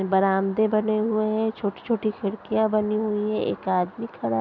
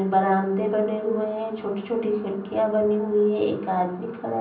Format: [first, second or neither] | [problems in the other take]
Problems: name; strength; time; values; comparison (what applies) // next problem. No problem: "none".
first | room echo; dies away in 0.6 s